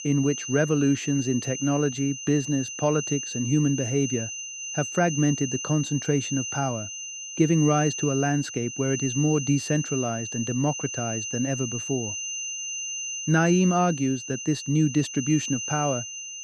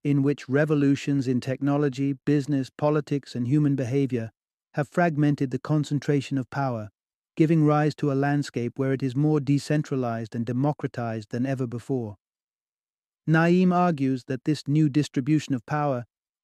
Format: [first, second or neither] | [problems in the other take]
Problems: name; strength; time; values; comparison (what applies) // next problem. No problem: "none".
second | high-pitched whine; loud; throughout; 6 kHz, 6 dB below the speech